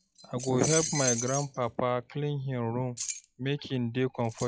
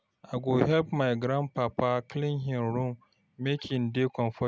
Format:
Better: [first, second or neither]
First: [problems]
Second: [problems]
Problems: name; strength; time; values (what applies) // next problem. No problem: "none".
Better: second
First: noise reduction (classical method log-MMSE)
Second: none